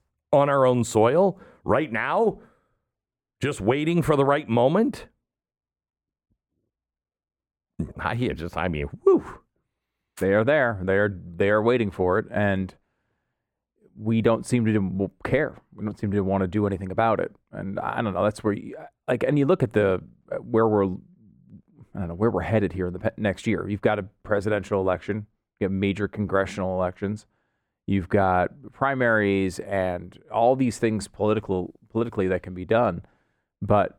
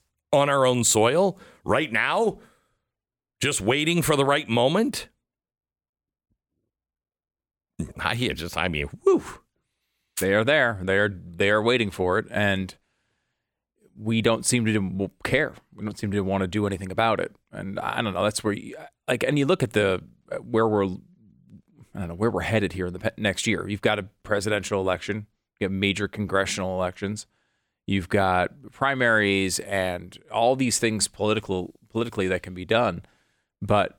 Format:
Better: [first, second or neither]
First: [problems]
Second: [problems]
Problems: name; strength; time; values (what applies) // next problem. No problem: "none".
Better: second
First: muffled; slightly; fading above 2 kHz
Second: none